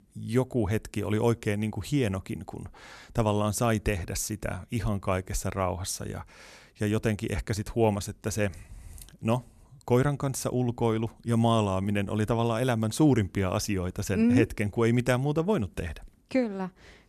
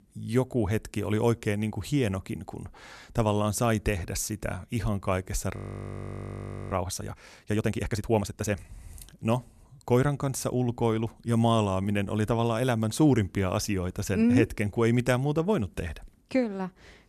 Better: first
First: none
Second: audio freezing; at 5.5 s for 1 s

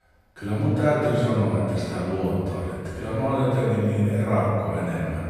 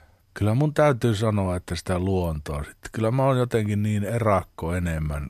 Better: second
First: off-mic speech; far // room echo; strong; dies away in 2.3 s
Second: none

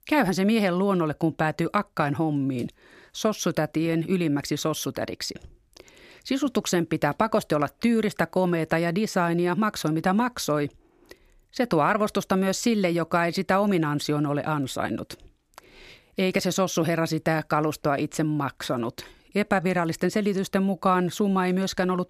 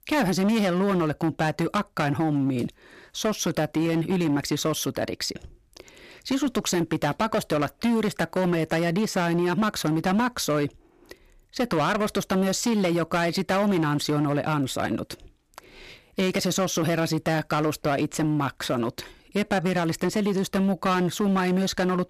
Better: first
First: none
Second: distortion; slight; 13% of the sound clipped

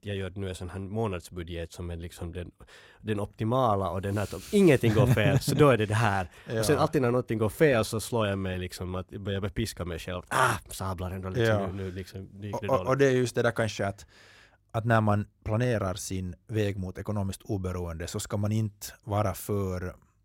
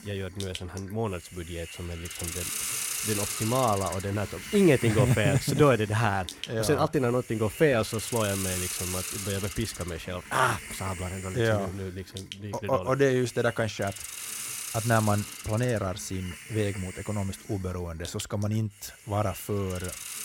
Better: first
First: none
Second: hiss; loud; throughout; 7 dB below the speech

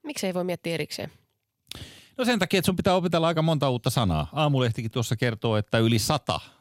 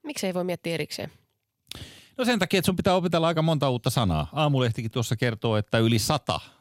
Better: neither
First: none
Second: none

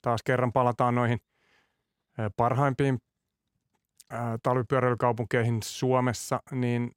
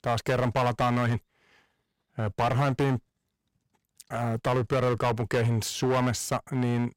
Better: first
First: none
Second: distortion; heavy; 10% of the sound clipped

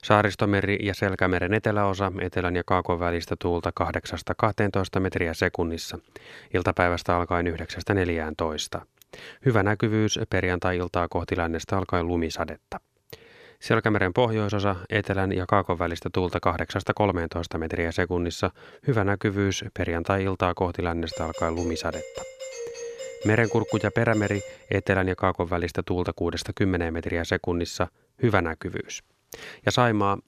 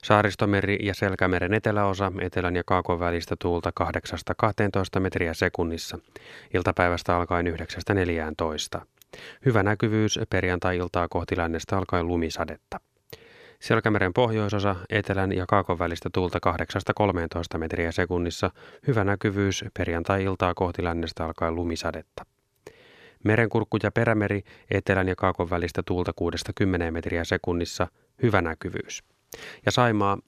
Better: second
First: doorbell; noticeable; from 21 to 25 s; peak 10 dB below the speech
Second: none

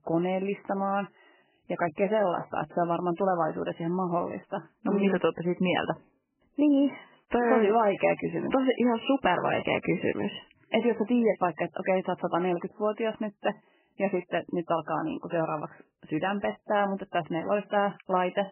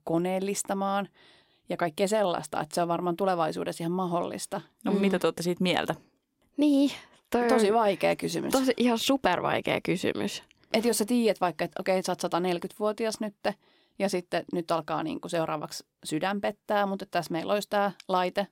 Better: second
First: garbled, watery; badly; nothing above 3 kHz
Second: none

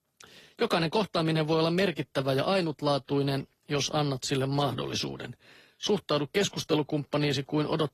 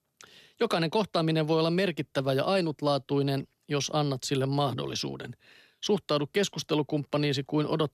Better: second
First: garbled, watery; slightly; nothing above 14.5 kHz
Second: none

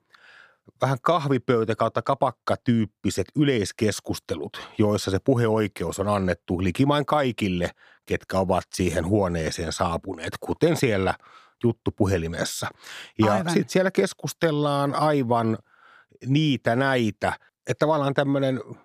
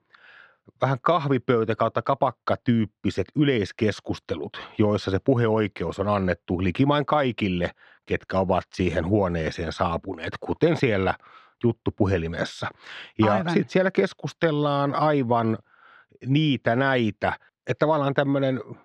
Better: first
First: none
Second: muffled; slightly; fading above 3 kHz

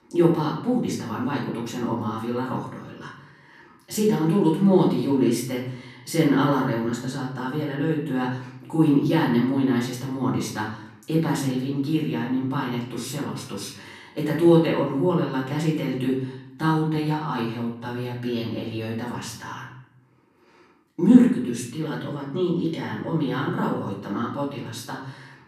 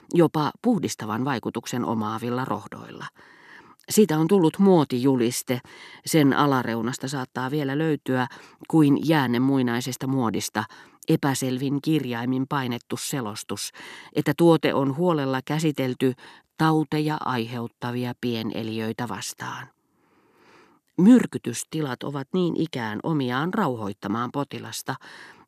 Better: second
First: off-mic speech; far // room echo; noticeable; dies away in 0.7 s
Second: none

